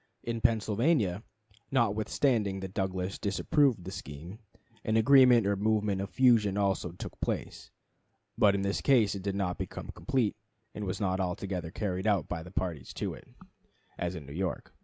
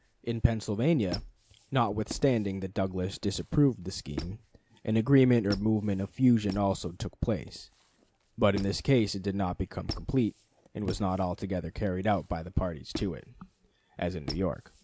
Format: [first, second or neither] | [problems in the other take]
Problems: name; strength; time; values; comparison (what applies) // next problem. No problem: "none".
first | background sound (Squeak); 16 dB below the speech